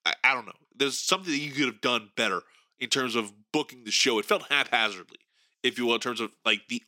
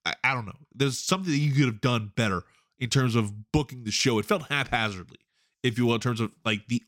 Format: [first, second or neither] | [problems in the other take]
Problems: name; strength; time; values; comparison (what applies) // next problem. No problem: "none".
second | thin; somewhat; fading below 300 Hz